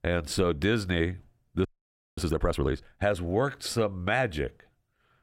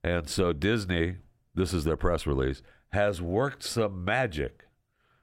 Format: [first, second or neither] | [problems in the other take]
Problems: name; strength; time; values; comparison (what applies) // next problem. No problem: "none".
second | audio freezing; at 1.5 s for 0.5 s